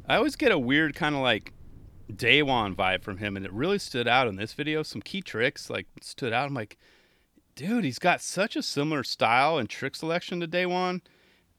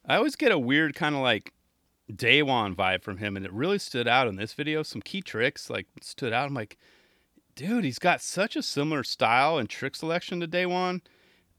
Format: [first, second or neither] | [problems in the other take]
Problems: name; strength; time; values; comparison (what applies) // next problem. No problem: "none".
second | rain or running water; faint; throughout; 30 dB below the speech